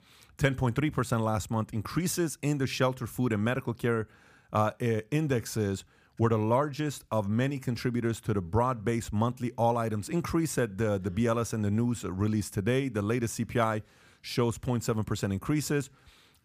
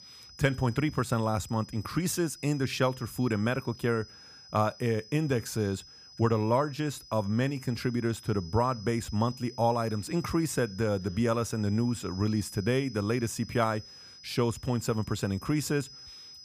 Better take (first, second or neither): first